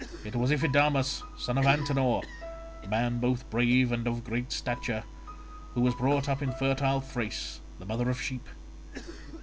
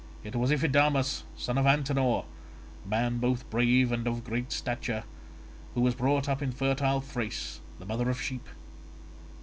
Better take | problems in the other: second | background sound (Piano + Cough); 17 dB below the speech

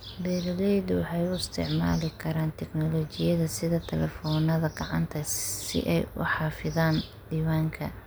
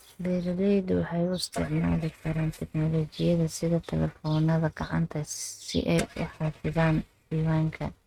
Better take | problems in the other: first | noise reduction (neural mask model RNNoise)

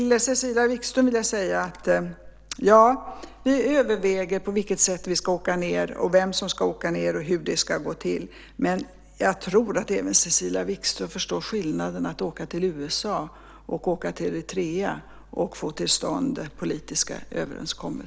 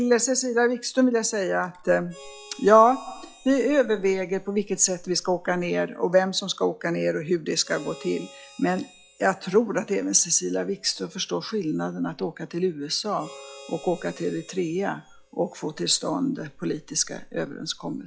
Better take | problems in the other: first | noise reduction (classical method log-MMSE)

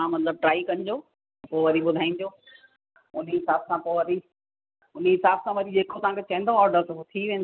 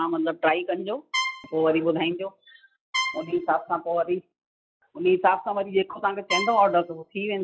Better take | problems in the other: first | noise reduction (classical method log-MMSE)

